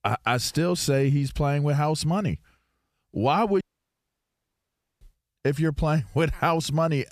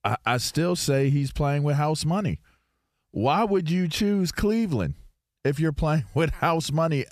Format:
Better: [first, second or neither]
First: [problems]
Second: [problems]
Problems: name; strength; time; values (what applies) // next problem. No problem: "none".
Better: second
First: audio cutting out; at 3.5 s for 1.5 s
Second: none